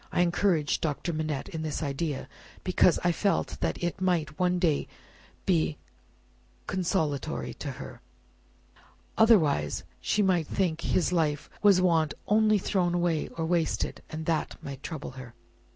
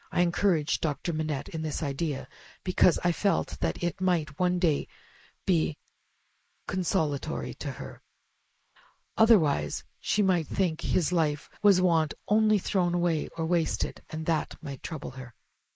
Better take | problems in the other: first | noise reduction (neural mask model Resemble Enhance denoiser)

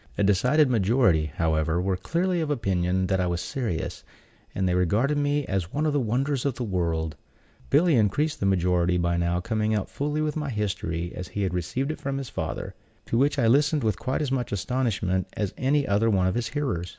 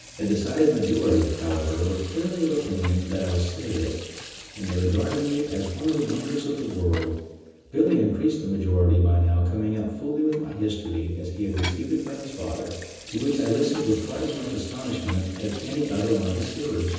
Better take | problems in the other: first | background sound (Sink (filling or washing) / Water tap, faucet); 17 dB below the speech // room echo; dies away in 1.1 s

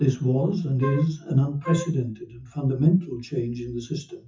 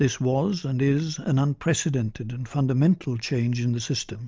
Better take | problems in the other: second | noise reduction (classical method WPE with log-MMSE)

